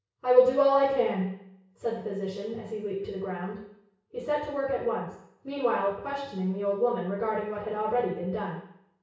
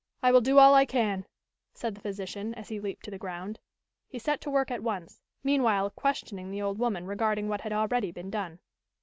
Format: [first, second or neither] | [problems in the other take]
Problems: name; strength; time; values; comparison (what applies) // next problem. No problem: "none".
second | room echo; dies away in 0.6 s